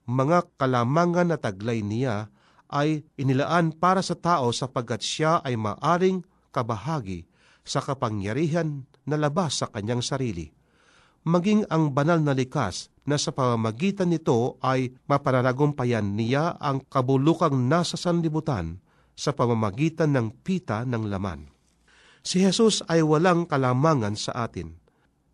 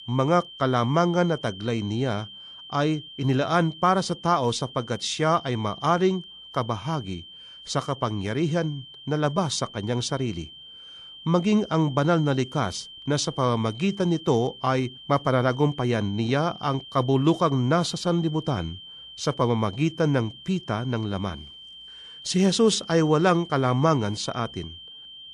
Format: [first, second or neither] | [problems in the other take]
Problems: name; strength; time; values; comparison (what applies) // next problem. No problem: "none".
first | high-pitched whine; noticeable; throughout; 3 kHz, 15 dB below the speech